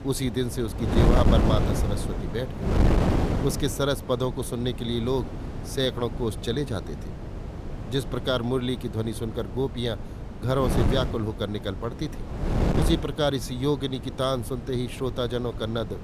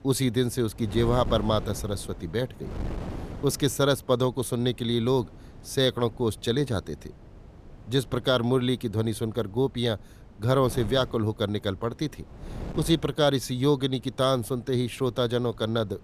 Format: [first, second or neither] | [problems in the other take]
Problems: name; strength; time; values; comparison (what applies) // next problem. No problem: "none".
second | wind noise on the microphone; heavy; 5 dB below the speech; occasional gusts in the second